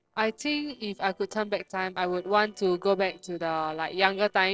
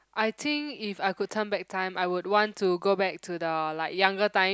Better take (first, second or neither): second